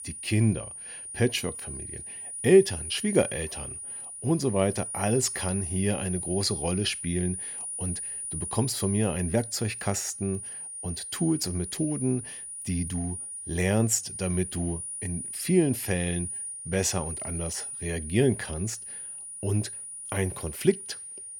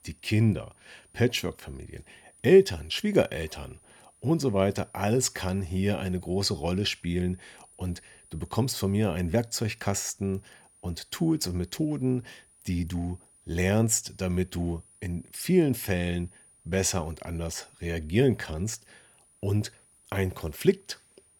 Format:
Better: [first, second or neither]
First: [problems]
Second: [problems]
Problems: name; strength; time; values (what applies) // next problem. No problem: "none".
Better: second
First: high-pitched whine; loud; throughout; 9.5 kHz, 6 dB below the speech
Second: high-pitched whine; faint; throughout; 9.5 kHz, 30 dB below the speech